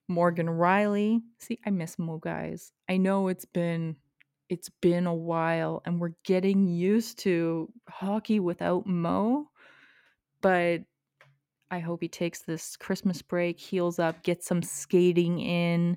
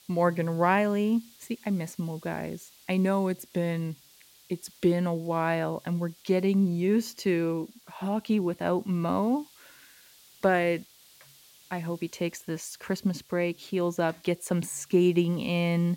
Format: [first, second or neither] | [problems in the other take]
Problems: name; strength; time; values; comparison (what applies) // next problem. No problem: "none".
first | hiss; faint; throughout; 25 dB below the speech